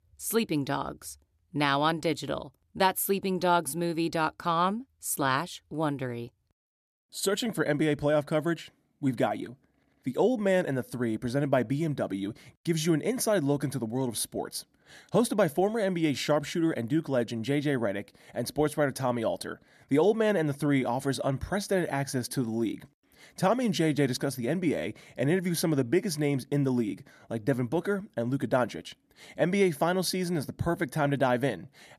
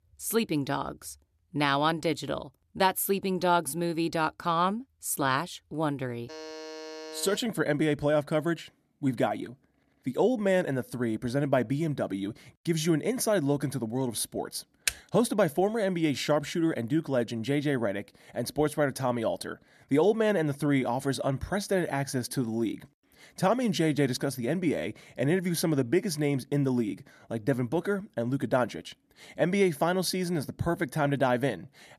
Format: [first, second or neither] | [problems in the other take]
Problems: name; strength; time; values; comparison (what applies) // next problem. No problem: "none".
first | alarm; faint; from 6.5 to 7.5 s; peak 10 dB below the speech // keyboard typing; very faint; at 15 s; peak 3 dB below the speech